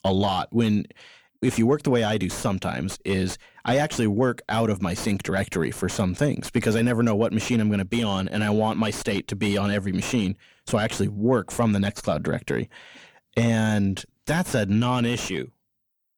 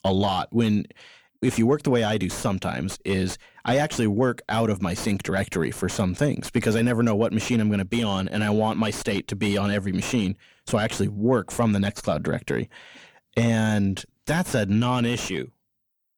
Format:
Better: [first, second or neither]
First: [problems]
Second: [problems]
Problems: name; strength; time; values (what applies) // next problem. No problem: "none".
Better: neither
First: distortion; slight; 10 dB below the speech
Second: distortion; slight; 10 dB below the speech